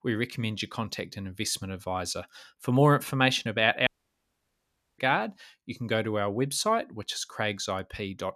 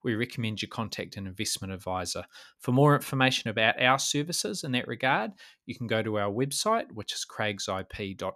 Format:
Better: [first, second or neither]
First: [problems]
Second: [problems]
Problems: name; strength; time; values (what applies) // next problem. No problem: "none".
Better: second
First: audio cutting out; at 4 s for 1 s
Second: none